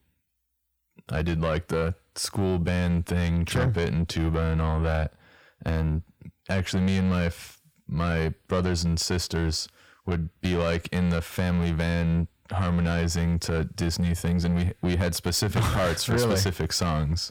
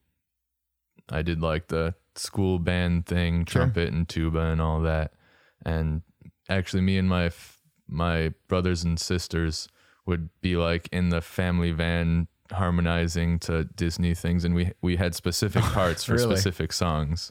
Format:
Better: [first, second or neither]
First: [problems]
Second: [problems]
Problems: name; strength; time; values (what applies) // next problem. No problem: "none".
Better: second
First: distortion; slight; 10 dB below the speech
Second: none